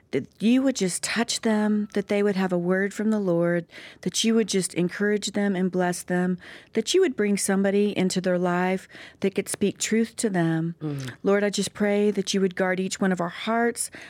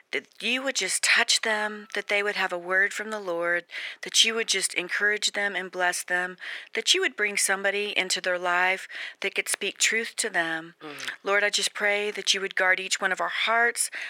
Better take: first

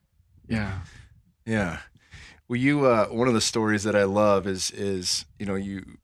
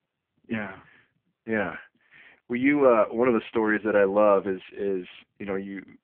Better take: first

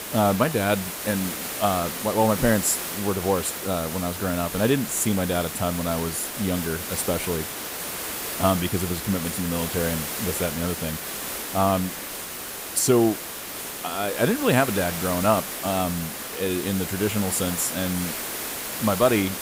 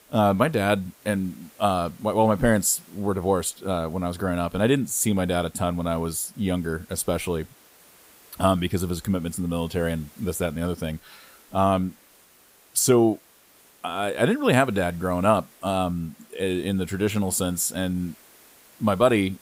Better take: second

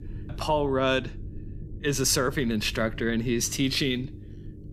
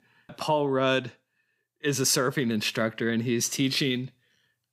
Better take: second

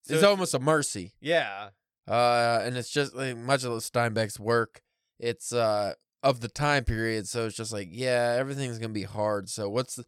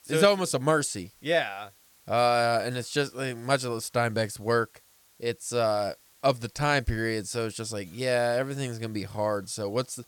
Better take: first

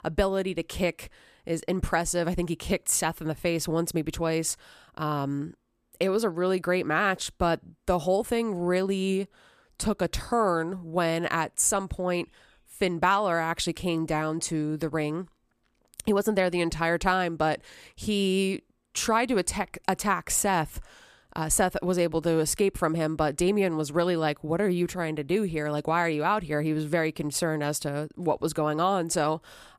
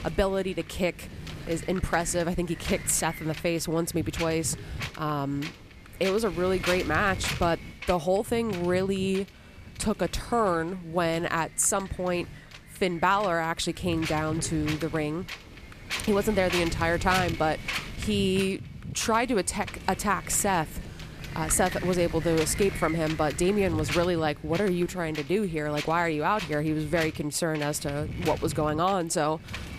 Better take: first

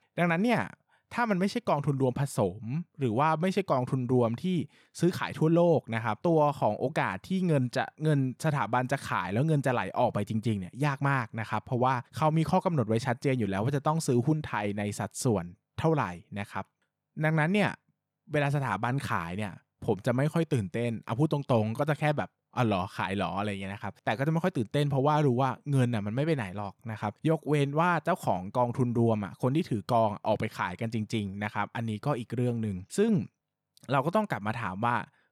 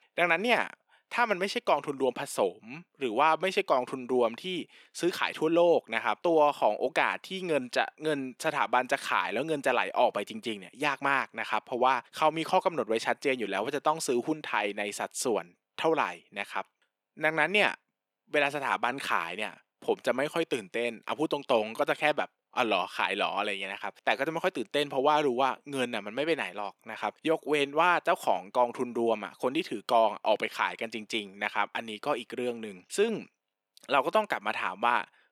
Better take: first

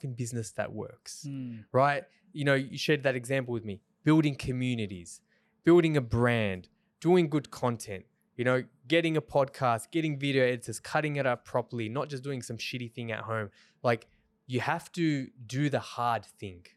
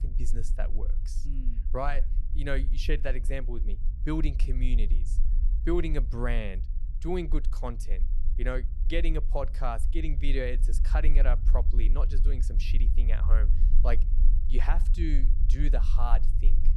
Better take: first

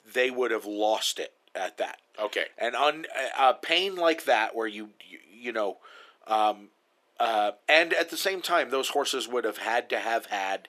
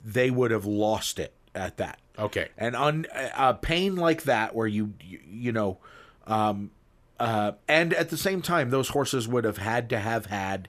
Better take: second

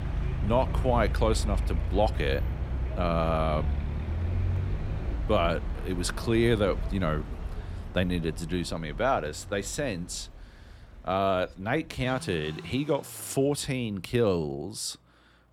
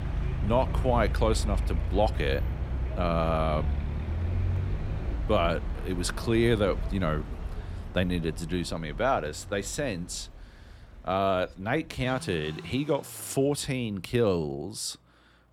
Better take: neither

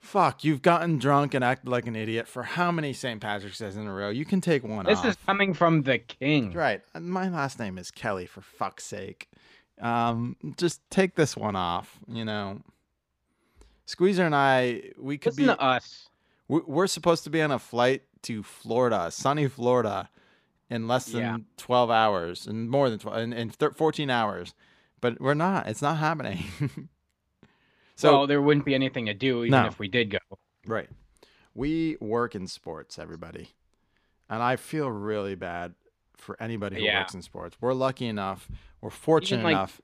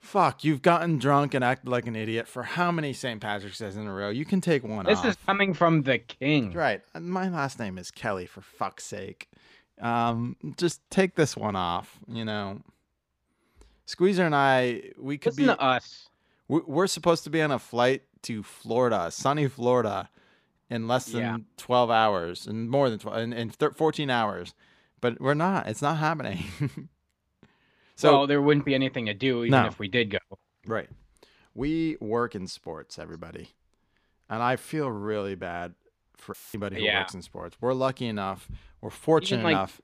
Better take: first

